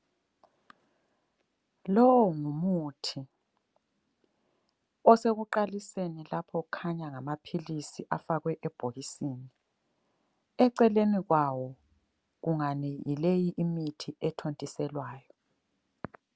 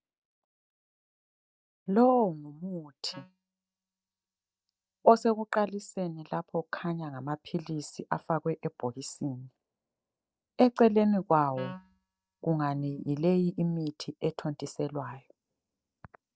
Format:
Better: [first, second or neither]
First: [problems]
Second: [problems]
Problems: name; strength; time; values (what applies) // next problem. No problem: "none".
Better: first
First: none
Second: noise reduction (neural mask model DeepFilterNet 3)